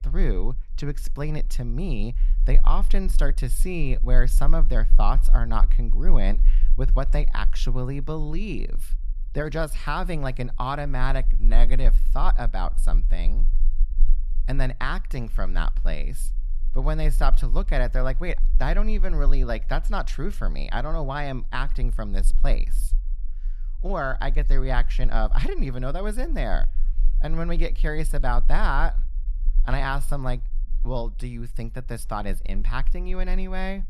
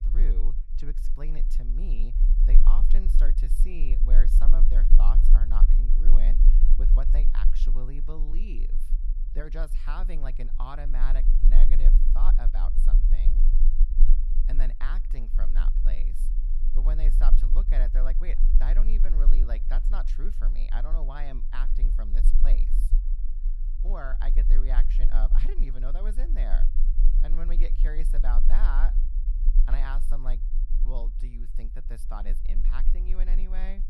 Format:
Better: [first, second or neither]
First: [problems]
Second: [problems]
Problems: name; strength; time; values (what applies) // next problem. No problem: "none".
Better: first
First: low rumble; faint; throughout; 25 dB below the speech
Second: low rumble; loud; throughout; 9 dB below the speech